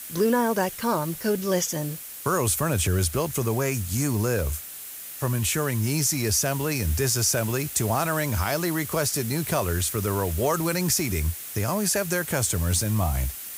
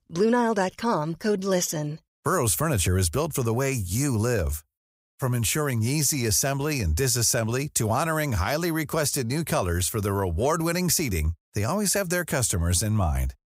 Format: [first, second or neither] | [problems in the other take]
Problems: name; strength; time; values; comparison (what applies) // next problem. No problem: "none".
second | hiss; loud; throughout; 9 dB below the speech